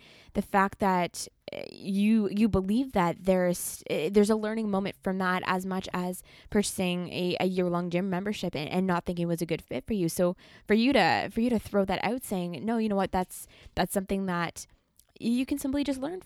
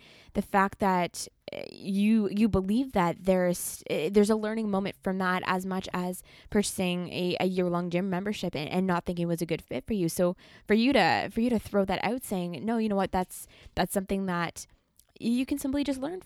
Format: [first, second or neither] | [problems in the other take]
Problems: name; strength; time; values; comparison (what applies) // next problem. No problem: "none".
neither | none